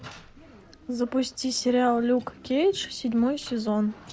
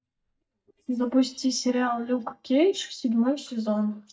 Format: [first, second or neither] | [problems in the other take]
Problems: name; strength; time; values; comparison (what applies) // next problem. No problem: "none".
first | noise reduction (neural mask model DeepFilterNet 3)